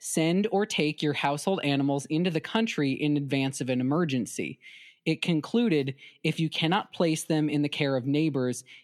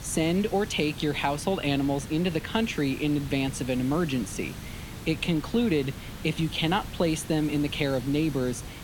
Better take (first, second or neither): first